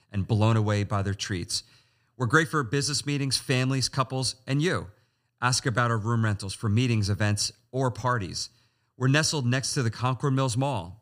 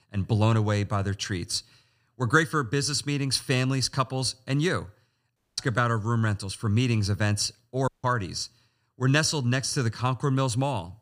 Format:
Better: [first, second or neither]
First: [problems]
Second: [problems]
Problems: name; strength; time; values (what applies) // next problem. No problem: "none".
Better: first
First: none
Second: audio cutting out; at 5.5 s and at 8 s